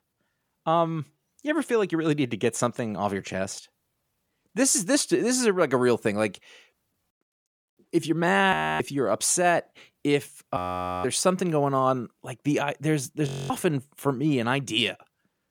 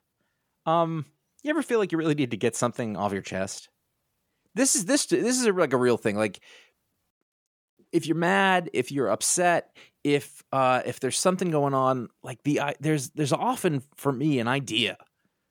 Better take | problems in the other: second | audio freezing; at 8.5 s, at 11 s and at 13 s

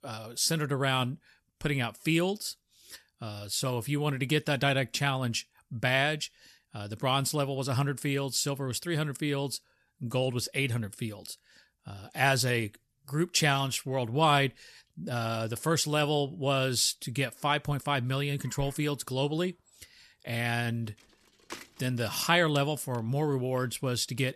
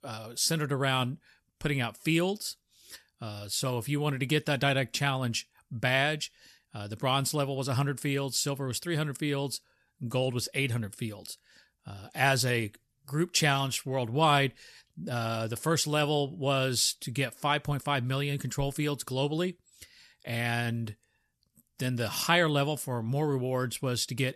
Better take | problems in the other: second | traffic noise; faint; from 18 s on; 25 dB below the speech

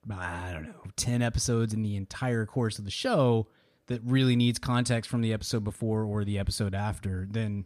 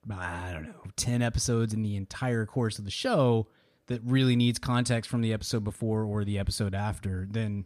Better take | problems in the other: neither | none

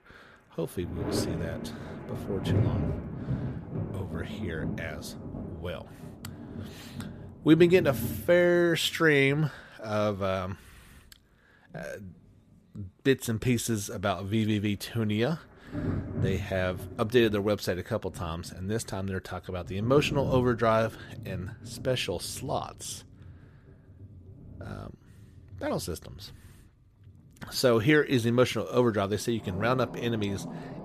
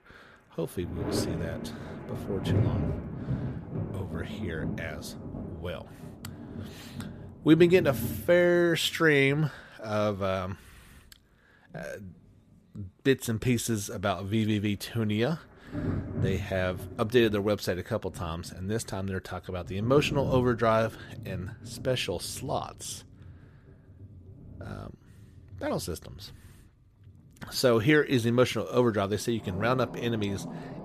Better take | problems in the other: neither | rain or running water; loud; throughout; 9 dB below the speech; the same in both

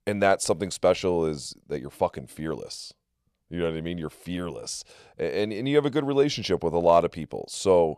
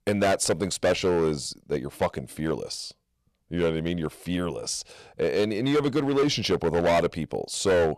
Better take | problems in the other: first | distortion; heavy; 9% of the sound clipped

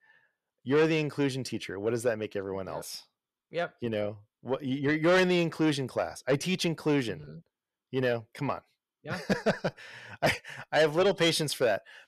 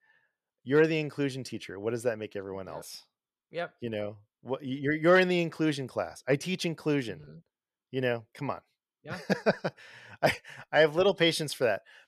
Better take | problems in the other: second | distortion; slight; 10 dB below the speech

